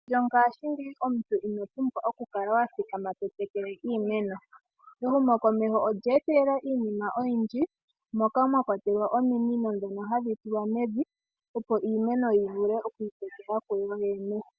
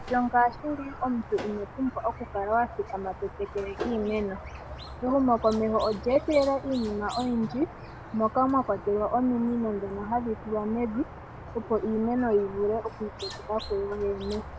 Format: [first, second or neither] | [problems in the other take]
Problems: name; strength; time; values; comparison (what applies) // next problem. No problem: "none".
first | background sound (Squeak); 13 dB below the speech